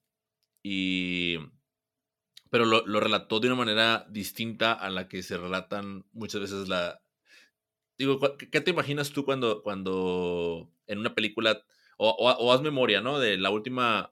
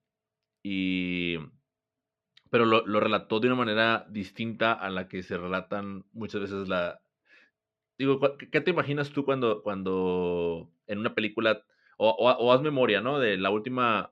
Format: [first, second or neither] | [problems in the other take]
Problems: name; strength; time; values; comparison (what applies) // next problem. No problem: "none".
first | muffled; slightly; fading above 2.5 kHz